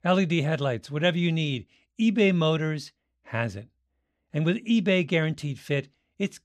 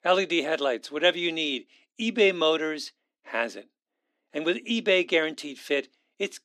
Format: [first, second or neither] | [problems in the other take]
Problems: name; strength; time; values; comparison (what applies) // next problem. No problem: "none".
first | thin; somewhat; fading below 250 Hz